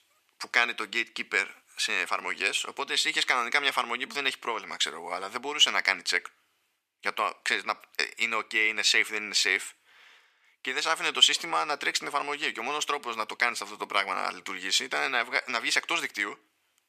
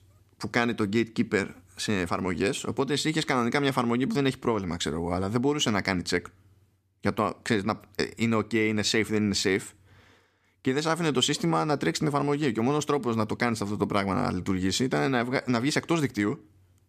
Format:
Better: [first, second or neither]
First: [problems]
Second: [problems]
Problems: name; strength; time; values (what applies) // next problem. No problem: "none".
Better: second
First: thin; very; fading below 850 Hz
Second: none